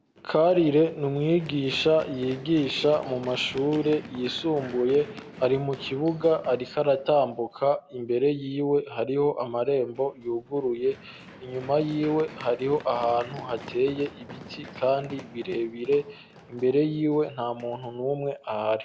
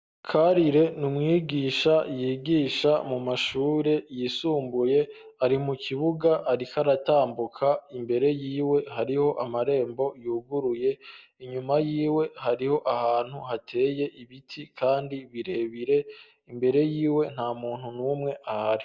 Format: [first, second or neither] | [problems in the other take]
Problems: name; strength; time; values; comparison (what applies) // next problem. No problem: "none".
second | background sound (Run); 19 dB below the speech